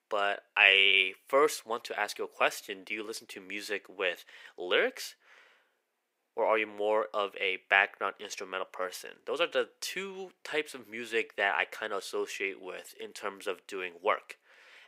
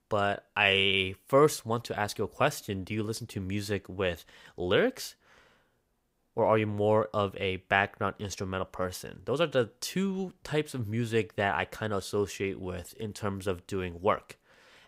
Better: second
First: thin; very; fading below 350 Hz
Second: none

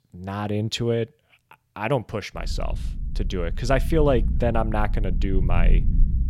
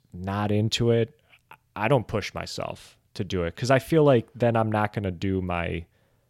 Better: second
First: low rumble; noticeable; from 2.5 s on; 15 dB below the speech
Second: none

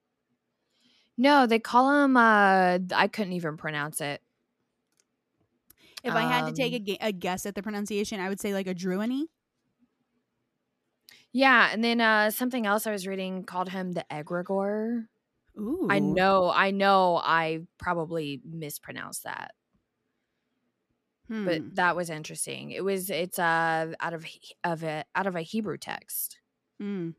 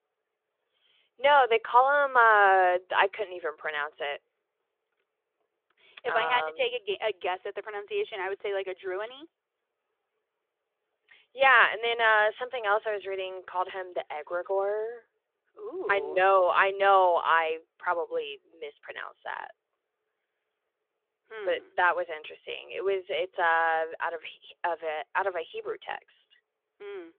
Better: first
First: none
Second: phone-call audio

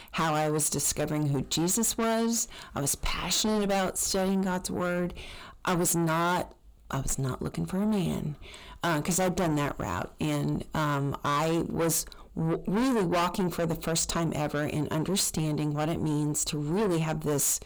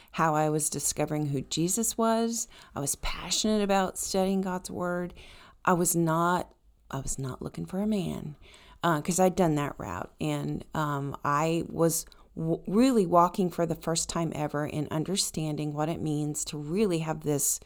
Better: second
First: distortion; heavy; 5 dB below the speech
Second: none

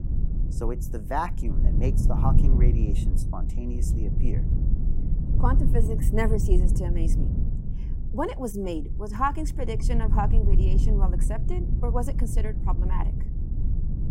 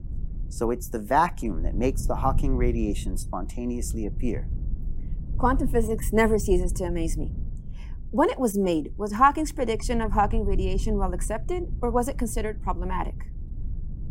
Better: second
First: low rumble; loud; throughout; 9 dB below the speech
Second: low rumble; faint; throughout; 25 dB below the speech

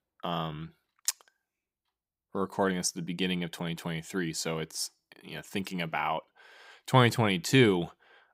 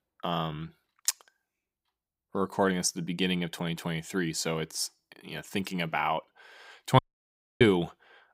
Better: first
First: none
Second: audio cutting out; at 7 s for 0.5 s

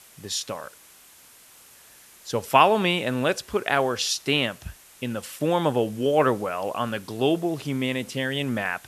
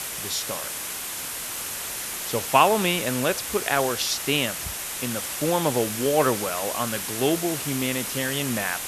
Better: first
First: hiss; faint; throughout; 25 dB below the speech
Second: hiss; loud; throughout; 4 dB below the speech

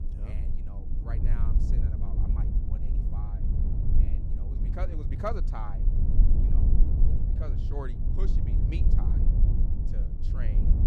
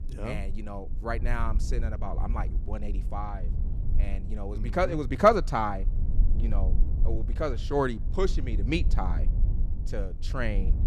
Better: second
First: low rumble; loud; throughout; 3 dB below the speech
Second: low rumble; faint; throughout; 20 dB below the speech

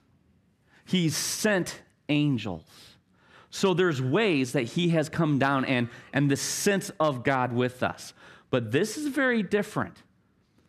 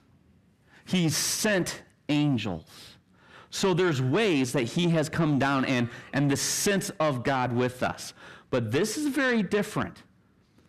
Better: first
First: none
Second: distortion; slight; 10 dB below the speech

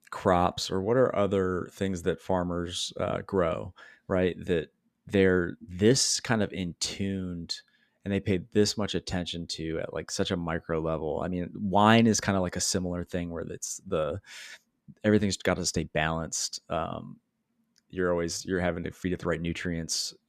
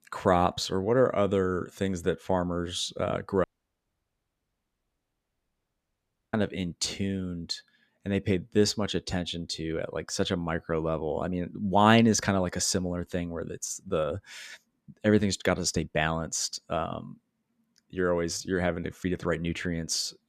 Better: first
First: none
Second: audio cutting out; at 3.5 s for 3 s

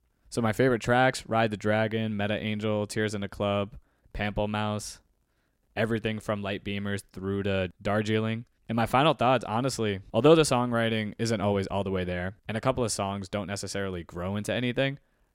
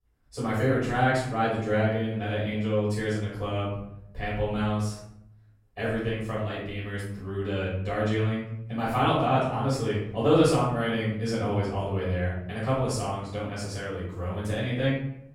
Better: first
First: none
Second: off-mic speech; far // room echo; noticeable; dies away in 0.8 s

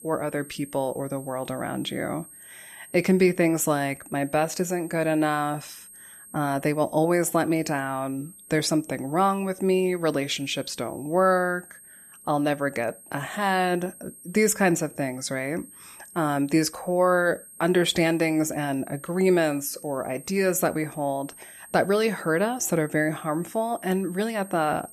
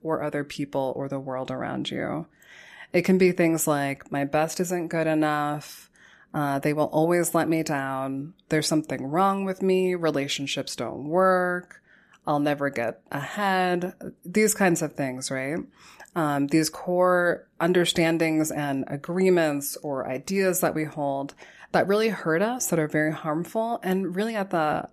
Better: second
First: high-pitched whine; noticeable; throughout; 8.5 kHz, 20 dB below the speech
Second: none

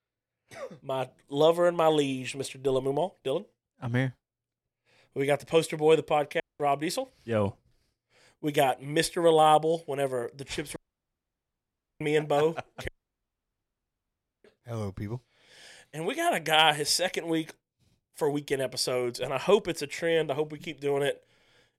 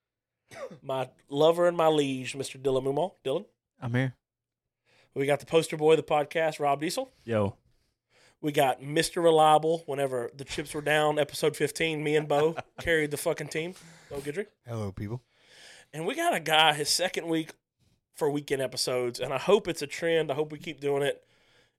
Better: second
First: audio cutting out; at 6.5 s, at 11 s for 1 s and at 13 s for 1.5 s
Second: none

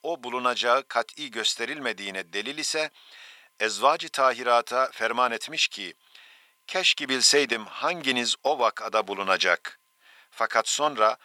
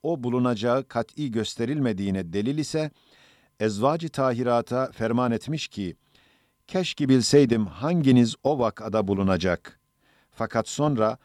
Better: second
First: thin; very; fading below 900 Hz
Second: none

